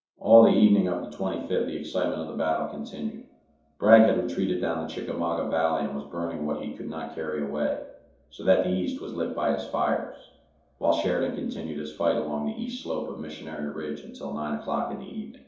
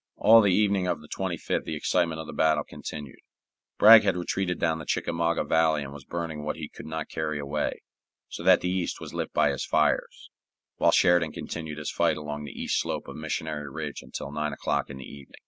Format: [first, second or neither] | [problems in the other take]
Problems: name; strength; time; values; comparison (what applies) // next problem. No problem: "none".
second | room echo; dies away in 2.8 s